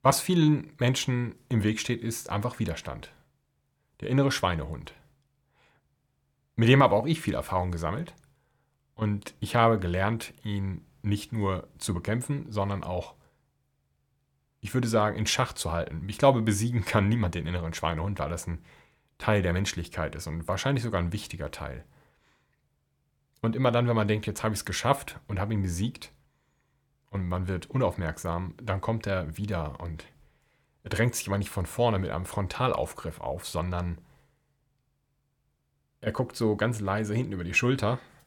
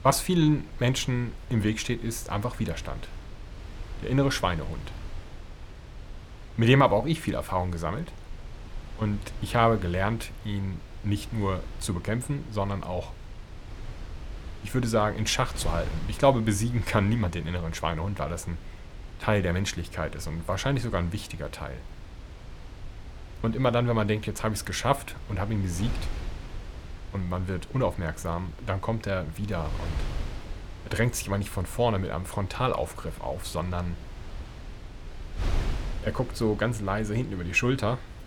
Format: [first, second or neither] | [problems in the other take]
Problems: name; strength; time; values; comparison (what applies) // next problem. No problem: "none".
first | wind noise on the microphone; occasional gusts; 20 dB below the speech